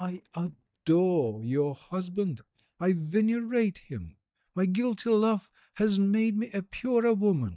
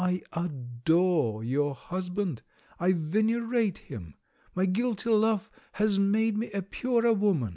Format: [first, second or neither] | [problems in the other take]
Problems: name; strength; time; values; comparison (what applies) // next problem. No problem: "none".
second | noise reduction (neural mask model DeepFilterNet 3)